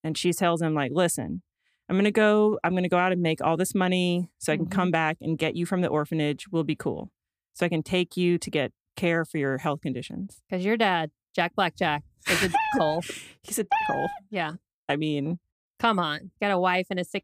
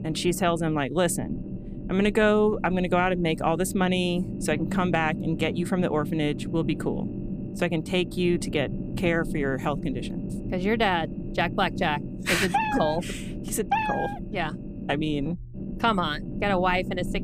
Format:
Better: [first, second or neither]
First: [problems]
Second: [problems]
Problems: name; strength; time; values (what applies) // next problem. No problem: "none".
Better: first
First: none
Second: low rumble; noticeable; throughout; 15 dB below the speech